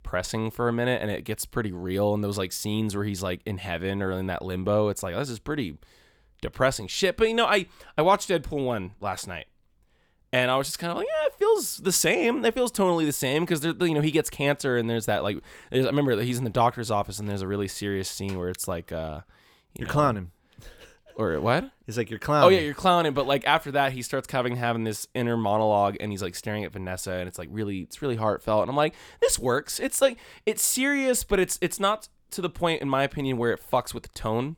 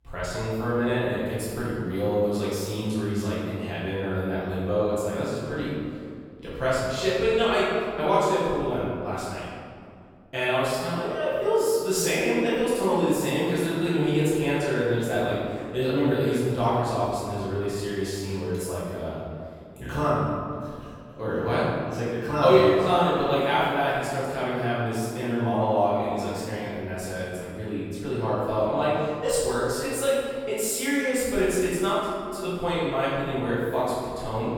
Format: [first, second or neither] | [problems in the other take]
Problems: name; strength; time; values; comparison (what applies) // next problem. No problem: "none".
first | off-mic speech; far // room echo; strong; dies away in 2 s